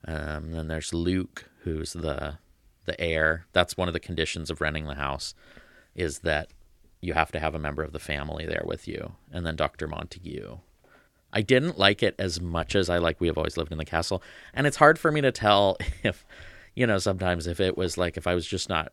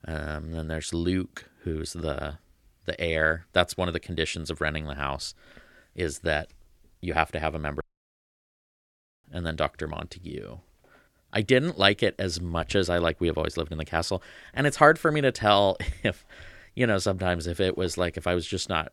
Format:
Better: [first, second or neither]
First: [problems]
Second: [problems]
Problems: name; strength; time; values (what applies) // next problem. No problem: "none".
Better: first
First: none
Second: audio cutting out; at 8 s for 1.5 s